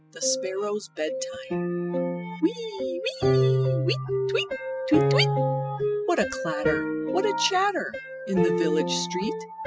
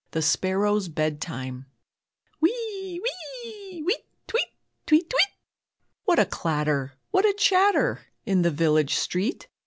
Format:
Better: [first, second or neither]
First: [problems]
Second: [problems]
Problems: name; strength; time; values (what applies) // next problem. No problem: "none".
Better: second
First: noise reduction (classical method spectral subtraction)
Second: none